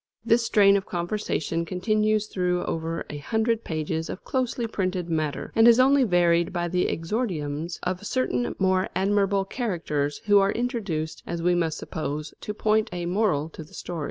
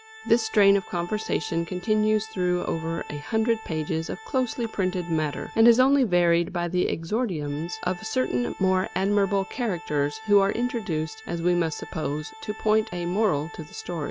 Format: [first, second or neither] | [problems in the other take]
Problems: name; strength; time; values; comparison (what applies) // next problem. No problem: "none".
first | background sound (Organ); 19 dB below the speech